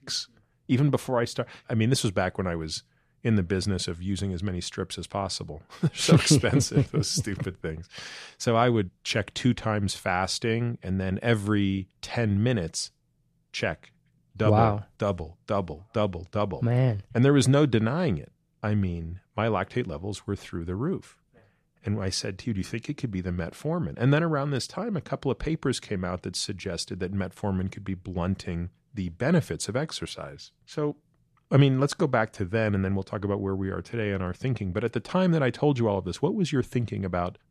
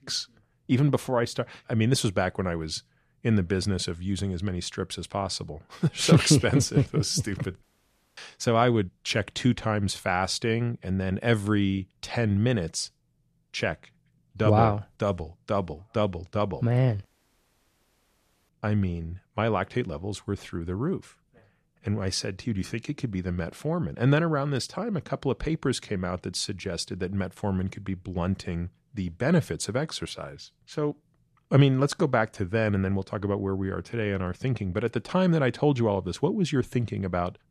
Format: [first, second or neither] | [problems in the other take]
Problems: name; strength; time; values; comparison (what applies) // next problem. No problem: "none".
first | audio cutting out; at 7.5 s for 0.5 s and at 17 s for 1.5 s